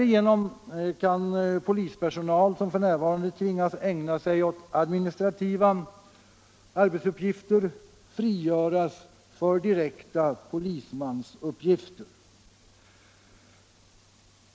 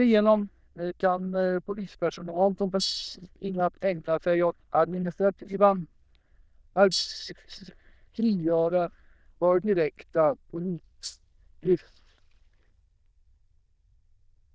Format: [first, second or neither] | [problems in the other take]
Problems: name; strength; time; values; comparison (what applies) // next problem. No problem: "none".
first | noise reduction (neural diffusion model UNIVERSE++)